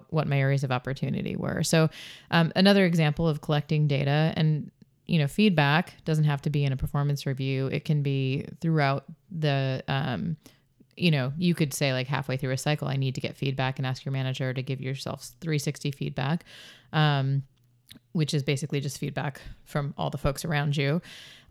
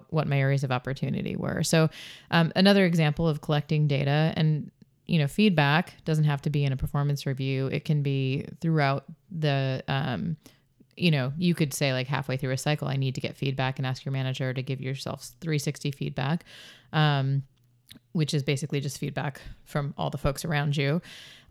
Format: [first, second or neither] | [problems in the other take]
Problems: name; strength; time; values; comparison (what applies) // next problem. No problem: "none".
neither | none